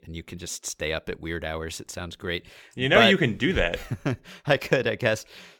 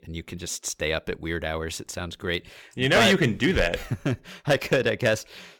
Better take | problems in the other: first | distortion; slight; 3% of the sound clipped

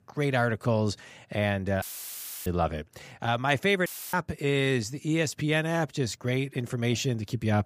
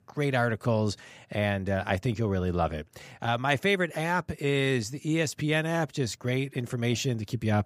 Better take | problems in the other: second | audio cutting out; filled with static; at 2 s for 0.5 s and at 4 s

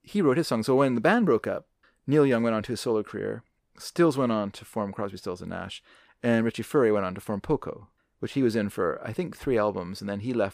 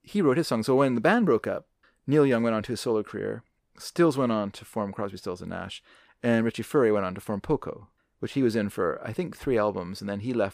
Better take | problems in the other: neither | none

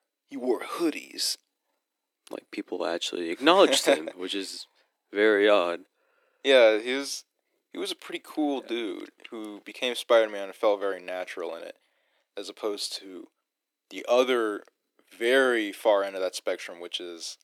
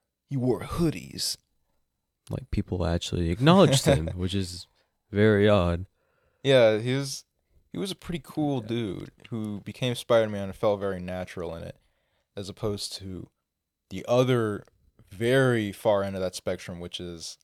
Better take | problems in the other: second | thin; somewhat; fading below 300 Hz

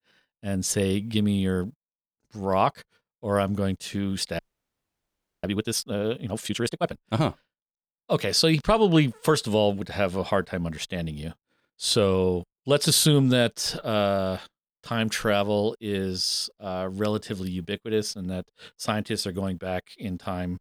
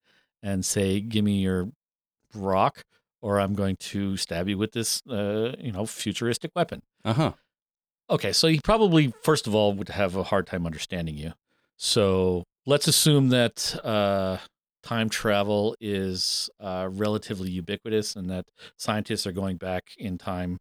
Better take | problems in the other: second | audio freezing; at 4.5 s for 1 s

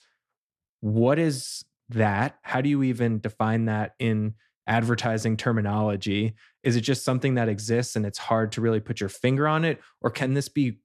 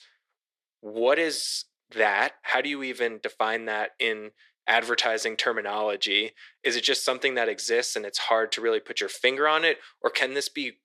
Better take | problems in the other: first | thin; very; fading below 400 Hz

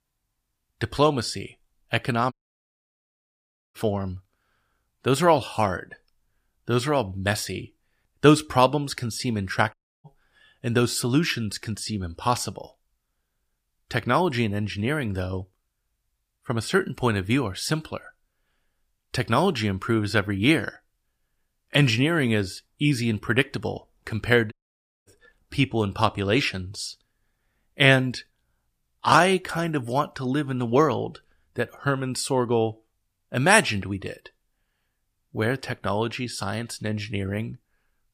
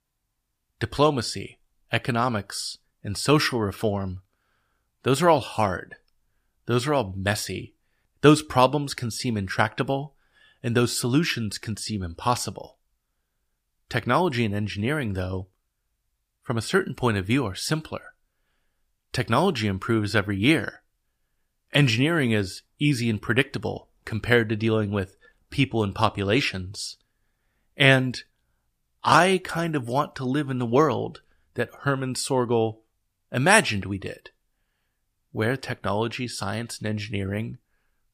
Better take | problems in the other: second | audio cutting out; at 2.5 s for 1.5 s, at 9.5 s and at 25 s for 0.5 s

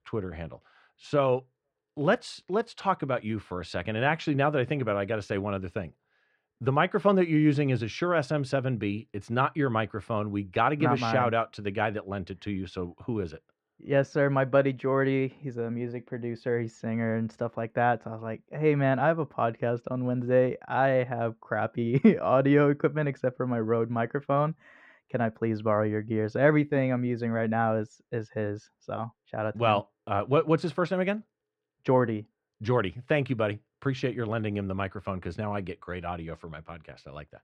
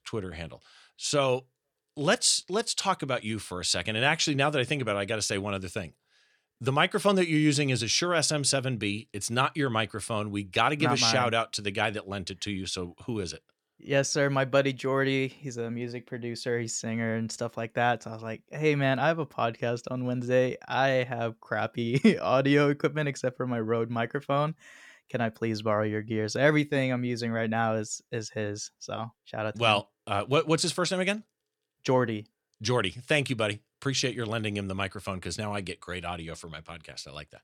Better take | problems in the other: second | muffled; very; fading above 3.5 kHz

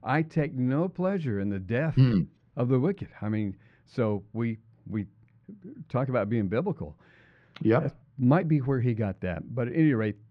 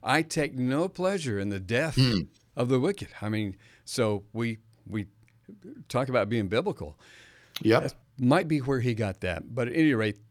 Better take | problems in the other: second | muffled; very; fading above 2 kHz

